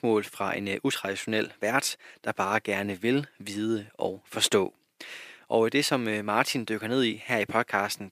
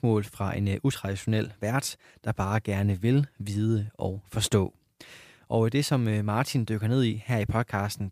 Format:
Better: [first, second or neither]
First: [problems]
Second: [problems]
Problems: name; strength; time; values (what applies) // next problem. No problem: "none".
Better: second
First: thin; somewhat; fading below 350 Hz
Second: none